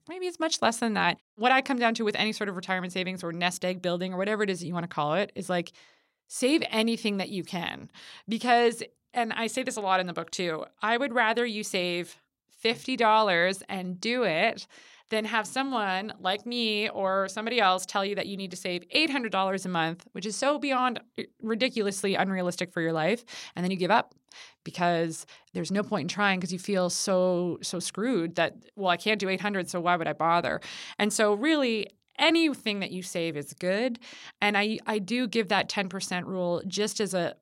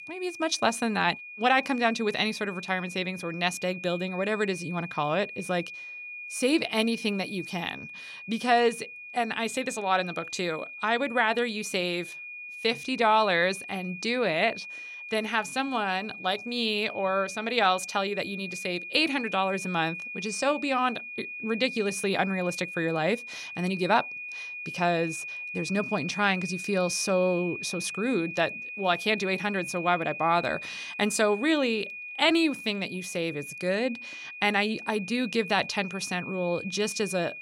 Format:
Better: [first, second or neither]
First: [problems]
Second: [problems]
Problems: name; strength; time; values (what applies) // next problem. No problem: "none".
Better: first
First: none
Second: high-pitched whine; loud; throughout; 2.5 kHz, 10 dB below the speech